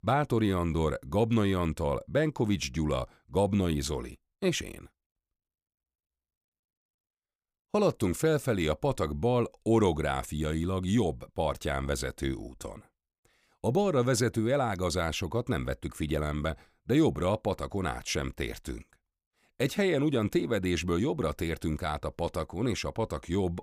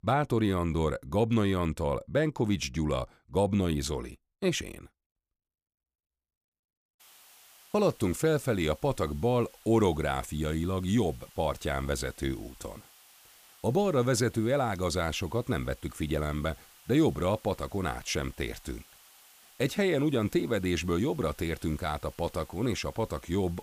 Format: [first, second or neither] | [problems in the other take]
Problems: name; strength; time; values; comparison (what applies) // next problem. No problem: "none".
first | hiss; faint; from 7 s on; 25 dB below the speech